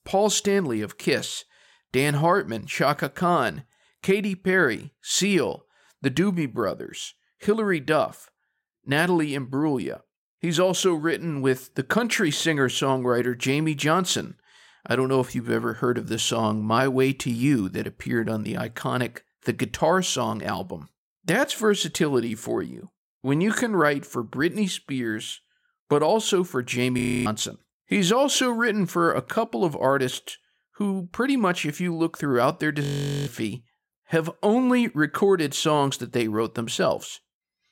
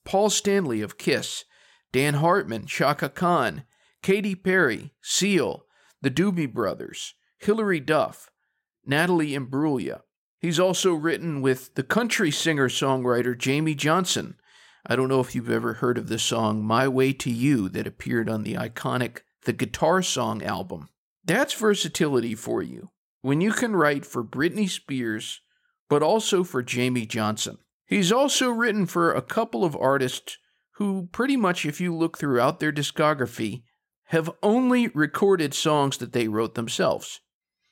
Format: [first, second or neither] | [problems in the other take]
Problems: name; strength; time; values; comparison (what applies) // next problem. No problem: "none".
second | audio freezing; at 27 s and at 33 s